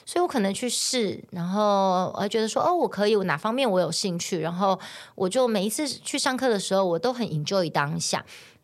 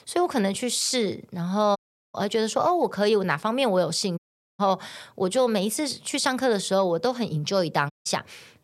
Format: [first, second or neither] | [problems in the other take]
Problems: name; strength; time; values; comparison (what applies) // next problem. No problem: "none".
first | audio cutting out; at 2 s, at 4 s and at 8 s